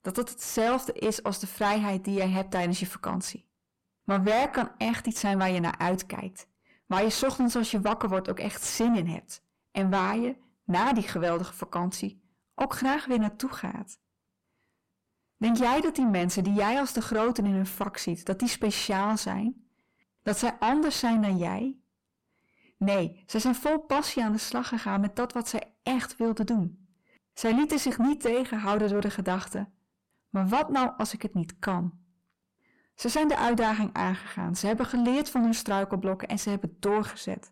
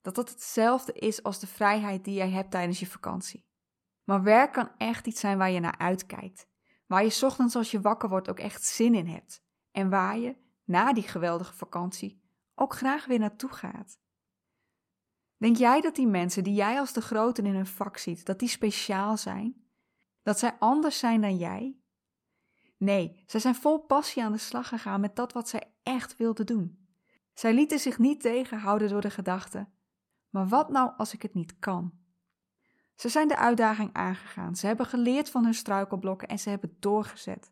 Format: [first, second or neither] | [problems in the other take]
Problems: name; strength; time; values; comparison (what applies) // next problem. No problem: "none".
second | distortion; heavy; 6 dB below the speech